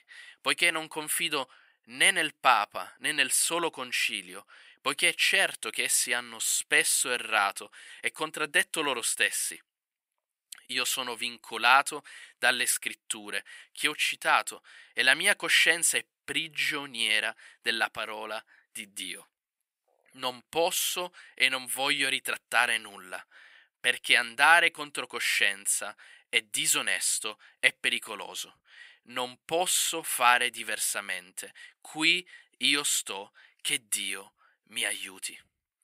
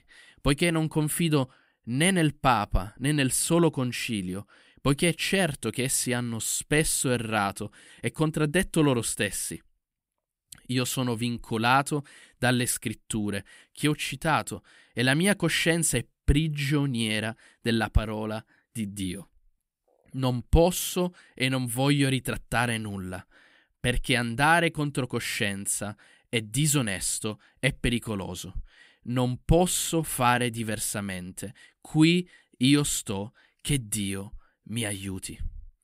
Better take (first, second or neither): second